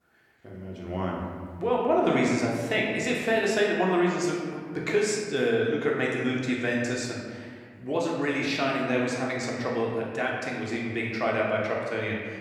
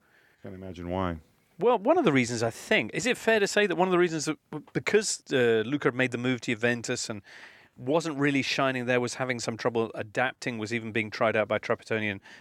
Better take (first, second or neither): second